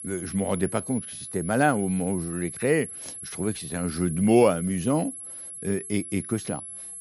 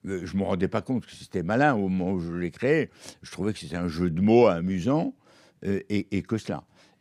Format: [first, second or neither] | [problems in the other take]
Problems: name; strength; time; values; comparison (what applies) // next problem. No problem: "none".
second | high-pitched whine; loud; throughout; 11 kHz, 10 dB below the speech